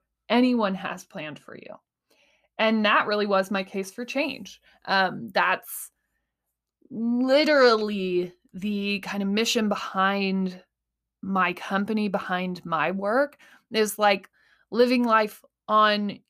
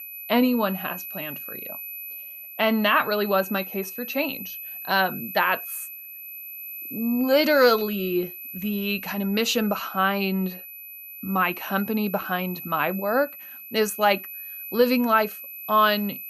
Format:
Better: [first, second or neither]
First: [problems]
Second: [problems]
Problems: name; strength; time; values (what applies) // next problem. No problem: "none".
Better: first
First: none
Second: high-pitched whine; noticeable; throughout; 12 kHz, 10 dB below the speech